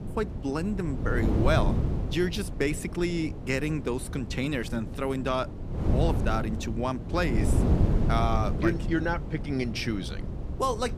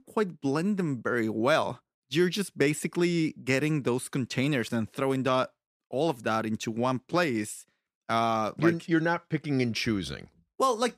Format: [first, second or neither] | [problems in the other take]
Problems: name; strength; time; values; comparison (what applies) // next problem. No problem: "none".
second | wind noise on the microphone; heavy; 8 dB below the speech